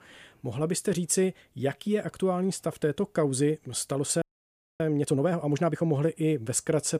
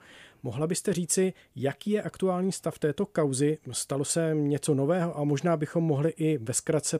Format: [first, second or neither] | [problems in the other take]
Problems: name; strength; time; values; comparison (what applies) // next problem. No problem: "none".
second | audio freezing; at 4 s for 0.5 s